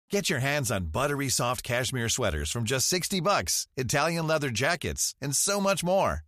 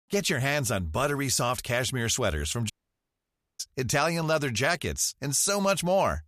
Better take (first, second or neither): first